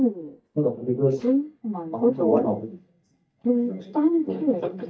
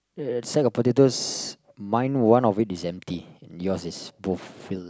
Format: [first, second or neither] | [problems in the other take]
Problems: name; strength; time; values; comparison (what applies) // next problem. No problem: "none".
second | noise reduction (neural mask model DeepFilterNet 3)